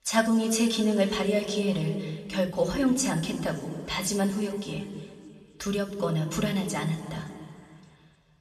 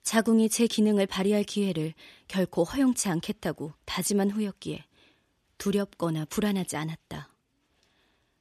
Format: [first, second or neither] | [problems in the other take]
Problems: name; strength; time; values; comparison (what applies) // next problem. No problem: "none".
second | room echo; noticeable; dies away in 2.3 s // off-mic speech; somewhat distant